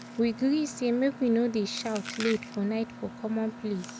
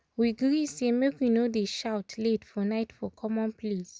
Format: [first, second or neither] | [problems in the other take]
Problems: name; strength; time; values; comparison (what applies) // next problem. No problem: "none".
second | background sound (Mechanisms + Chewing, mastication); 13 dB below the speech